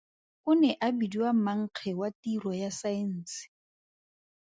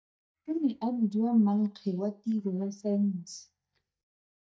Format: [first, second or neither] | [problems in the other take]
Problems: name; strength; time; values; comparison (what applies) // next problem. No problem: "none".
first | noise reduction (neural mask model DeepFilterNet 3)